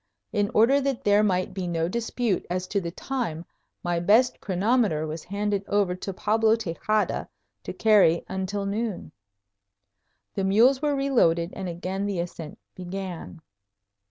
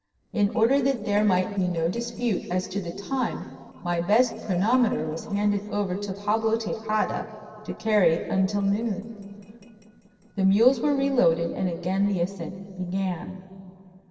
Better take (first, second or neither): first